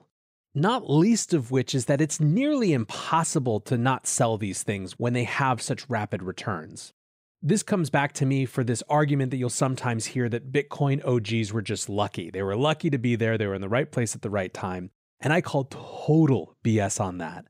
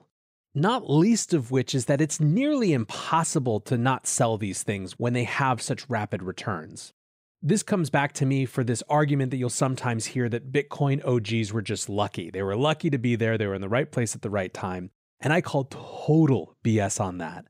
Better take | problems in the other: neither | none

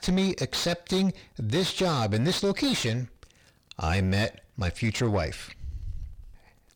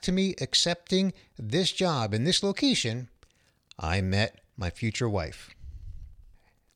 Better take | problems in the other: second | distortion; heavy; 7 dB below the speech

